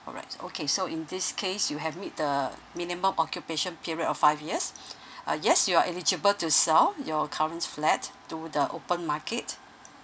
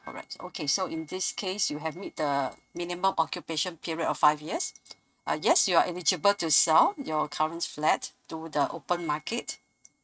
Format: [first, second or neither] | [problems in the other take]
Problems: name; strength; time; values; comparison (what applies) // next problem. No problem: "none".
first | noise reduction (neural mask model RNNoise)